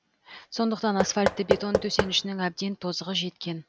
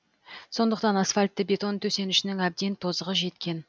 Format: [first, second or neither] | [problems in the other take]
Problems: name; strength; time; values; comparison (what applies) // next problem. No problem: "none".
second | background sound (Knock / Wood); 1 dB below the speech